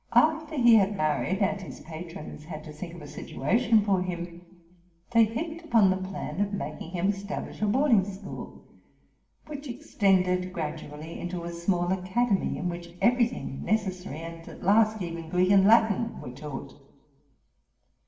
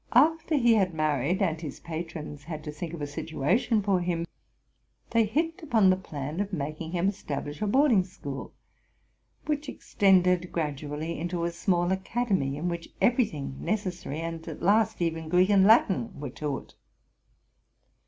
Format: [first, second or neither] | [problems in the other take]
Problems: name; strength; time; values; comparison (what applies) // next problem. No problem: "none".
second | room echo; dies away in 0.9 s